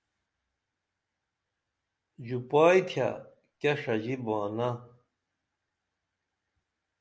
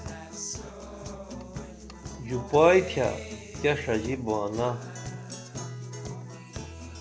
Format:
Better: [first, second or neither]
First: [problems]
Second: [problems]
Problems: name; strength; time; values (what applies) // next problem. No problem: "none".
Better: first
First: none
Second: background sound (Guitar); 9 dB below the speech